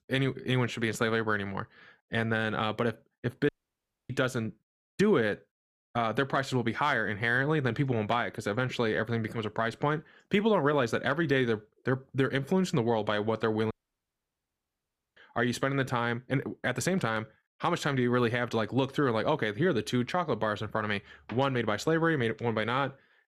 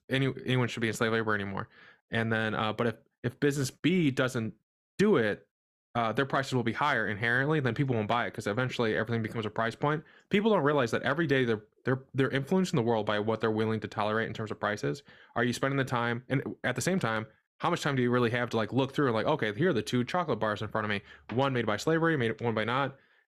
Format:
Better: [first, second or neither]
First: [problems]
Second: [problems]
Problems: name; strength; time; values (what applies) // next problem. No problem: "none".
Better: second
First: audio cutting out; at 3.5 s for 0.5 s and at 14 s for 1.5 s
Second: none